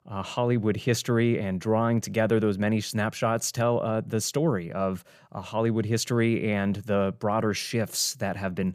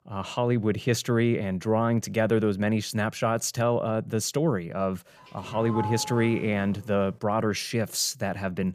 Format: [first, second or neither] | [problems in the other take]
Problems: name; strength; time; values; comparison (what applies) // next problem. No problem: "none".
first | doorbell; noticeable; from 5.5 to 7 s; peak 6 dB below the speech